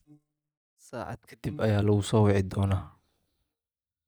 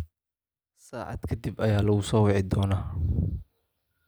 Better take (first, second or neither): second